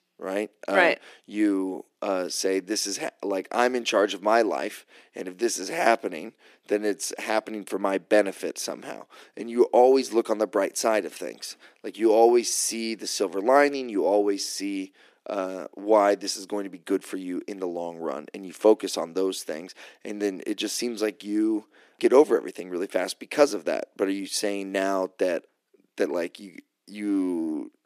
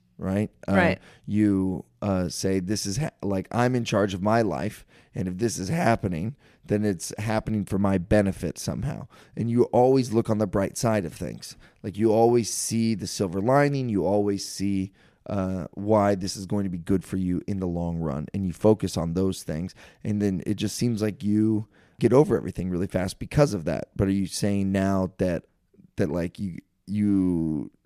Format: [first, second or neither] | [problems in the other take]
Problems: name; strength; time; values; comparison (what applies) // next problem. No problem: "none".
second | thin; somewhat; fading below 300 Hz